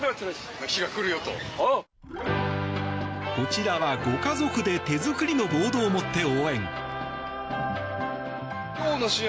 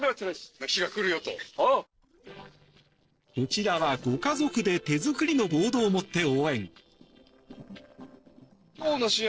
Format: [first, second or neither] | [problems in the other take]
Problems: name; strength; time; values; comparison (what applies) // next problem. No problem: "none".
first | noise reduction (neural separator model SepFormer DNS4)